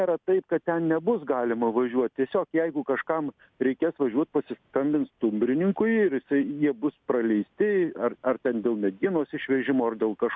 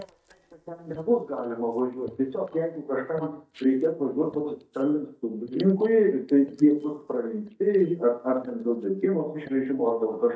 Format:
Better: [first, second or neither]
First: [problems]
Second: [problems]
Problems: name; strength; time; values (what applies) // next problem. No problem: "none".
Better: first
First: none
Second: noise reduction (neural mask model DeepFilterNet 3)